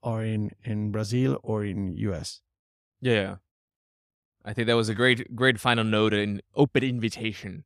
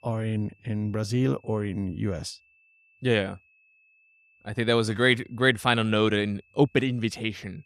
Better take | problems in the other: first | high-pitched whine; faint; throughout; 2.5 kHz, 35 dB below the speech

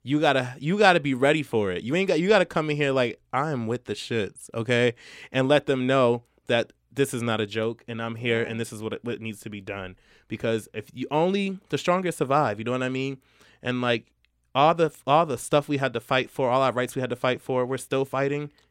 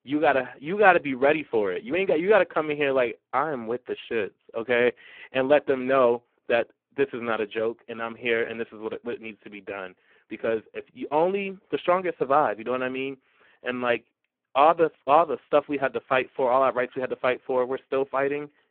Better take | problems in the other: first | phone-call audio; poor line

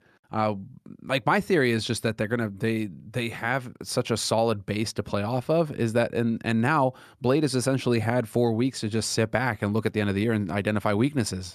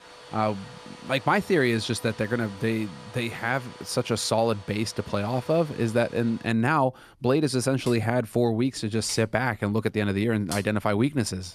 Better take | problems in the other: first | household noises; noticeable; throughout; 20 dB below the speech

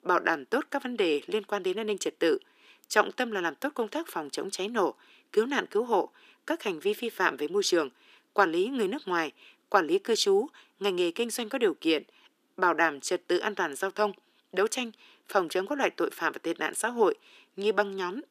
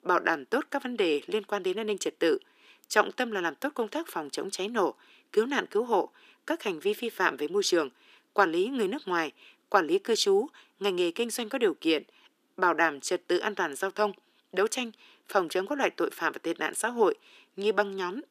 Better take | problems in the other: neither | thin; somewhat; fading below 300 Hz; the same in both

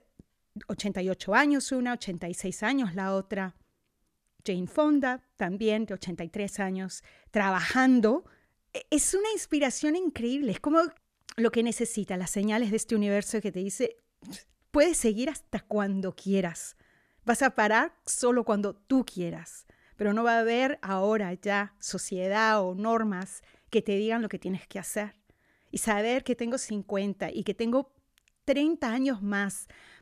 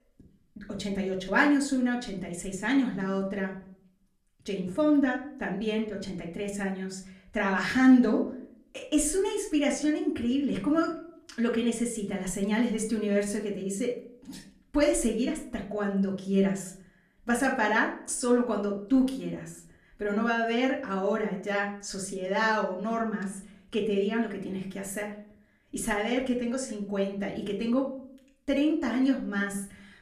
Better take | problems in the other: first | room echo; slight; dies away in 0.4 s // off-mic speech; far

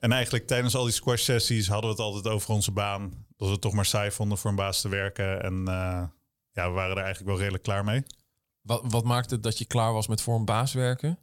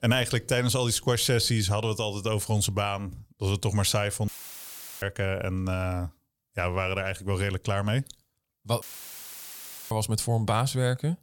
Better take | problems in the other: first | audio cutting out; filled with static; at 4.5 s for 0.5 s and at 9 s for 1 s

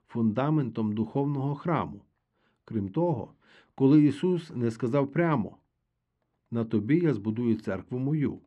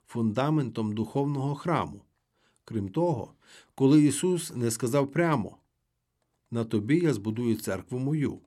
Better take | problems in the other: second | muffled; slightly; fading above 3 kHz

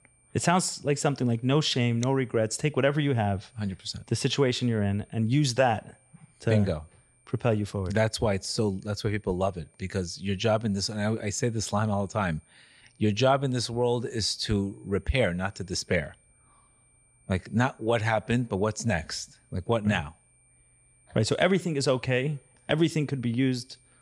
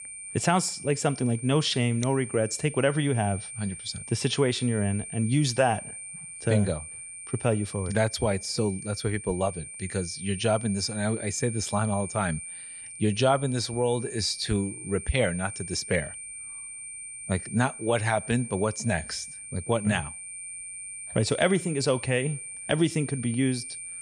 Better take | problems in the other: first | high-pitched whine; loud; throughout; 9 kHz, 10 dB below the speech; faint in the first

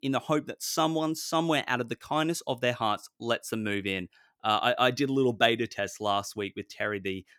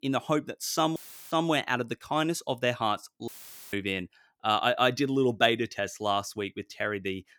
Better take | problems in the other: first | audio cutting out; filled with static; at 1 s and at 3.5 s

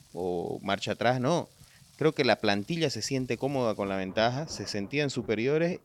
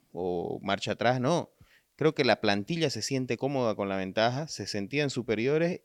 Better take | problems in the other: second | rain or running water; faint; throughout; 25 dB below the speech

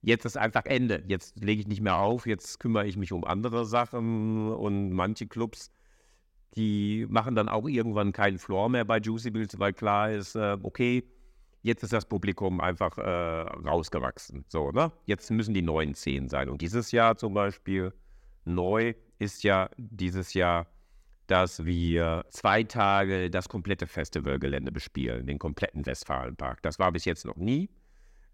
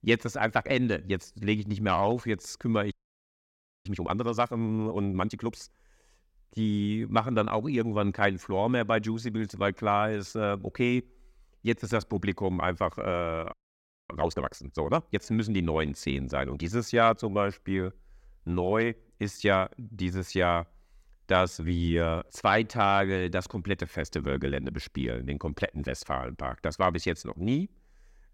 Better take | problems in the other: first | audio freezing; at 3 s for 1 s and at 14 s for 0.5 s

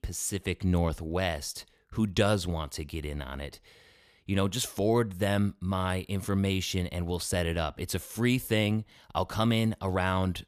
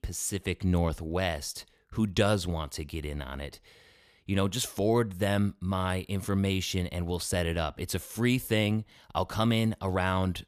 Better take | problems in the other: neither | none

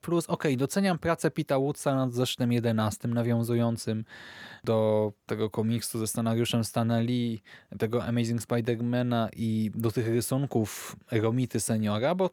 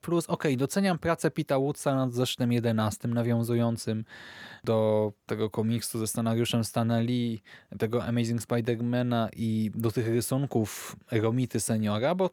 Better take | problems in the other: neither | none

